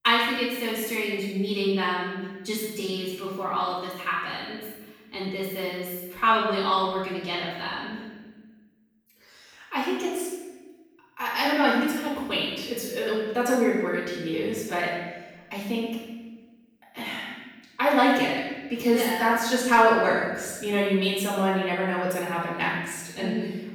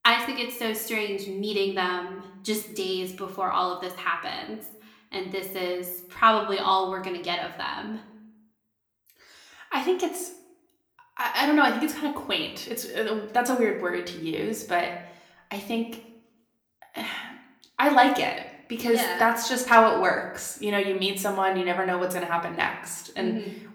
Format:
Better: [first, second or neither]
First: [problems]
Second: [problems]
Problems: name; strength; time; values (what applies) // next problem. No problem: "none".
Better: second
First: room echo; strong; dies away in 1.2 s // off-mic speech; far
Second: room echo; slight; dies away in 0.6 s // off-mic speech; somewhat distant